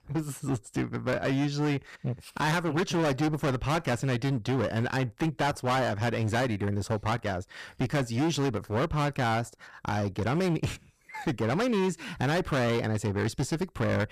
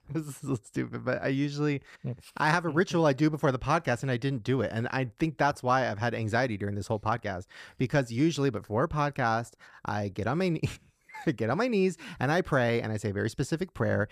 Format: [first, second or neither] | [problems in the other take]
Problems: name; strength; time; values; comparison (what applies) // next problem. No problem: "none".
second | distortion; heavy; 20% of the sound clipped